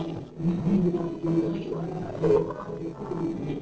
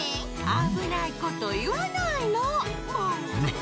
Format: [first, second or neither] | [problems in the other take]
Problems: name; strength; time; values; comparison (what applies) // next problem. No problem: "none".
second | noise reduction (neural separator model SepFormer DNS4)